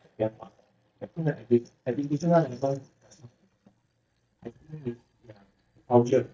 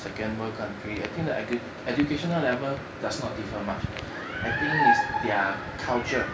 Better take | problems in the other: second | noise reduction (neural mask model DeepFilterNet 3)

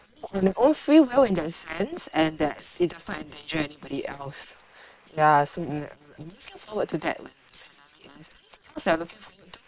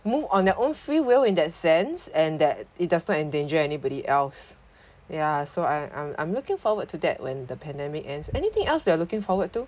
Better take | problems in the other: second | noise reduction (neural separator model SepFormer WHAM!)

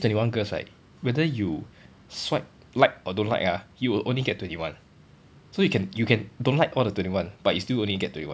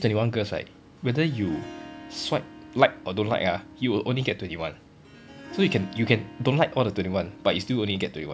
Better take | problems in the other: first | background sound (Harp); 18 dB below the speech

